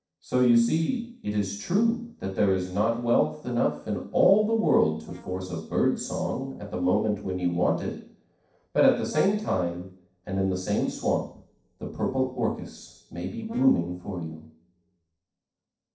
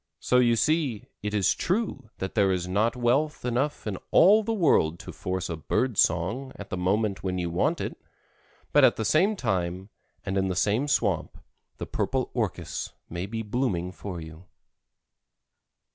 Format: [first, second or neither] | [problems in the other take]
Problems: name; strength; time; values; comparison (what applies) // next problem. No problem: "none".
second | noise reduction (neural separator model SepFormer DNS4)